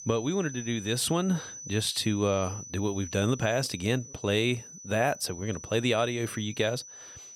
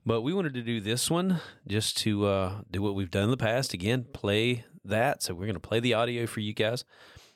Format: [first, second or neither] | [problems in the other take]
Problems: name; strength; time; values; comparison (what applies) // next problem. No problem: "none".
second | high-pitched whine; noticeable; throughout; 6 kHz, 15 dB below the speech